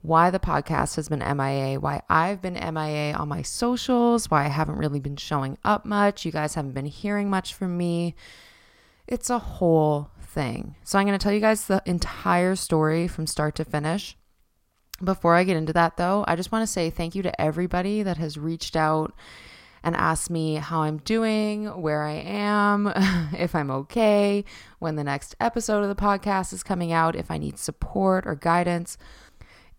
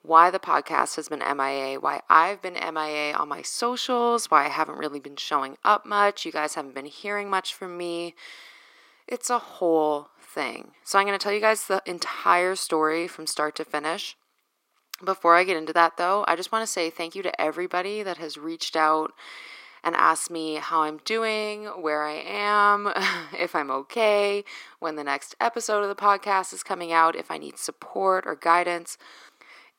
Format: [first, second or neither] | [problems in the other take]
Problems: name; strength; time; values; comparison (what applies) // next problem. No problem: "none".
first | thin; very; fading below 350 Hz